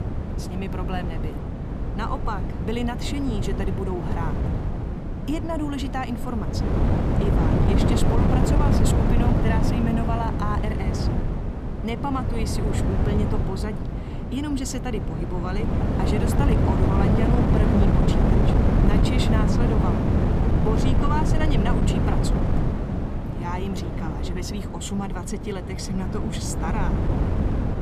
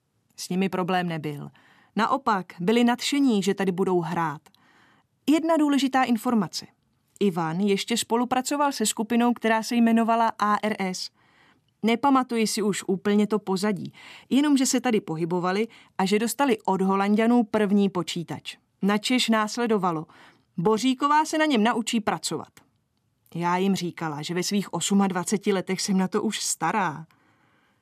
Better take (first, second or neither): second